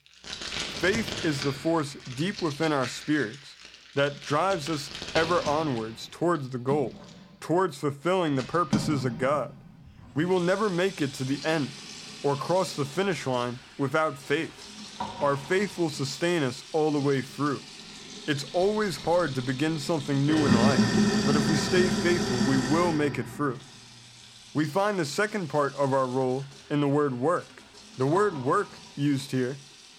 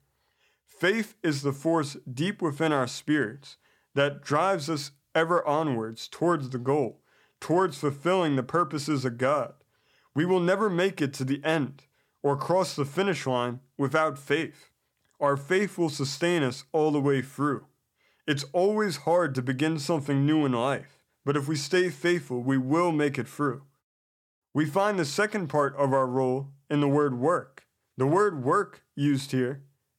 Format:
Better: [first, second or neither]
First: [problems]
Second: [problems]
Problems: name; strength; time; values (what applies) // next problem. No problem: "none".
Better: second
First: household noises; loud; throughout; 5 dB below the speech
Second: none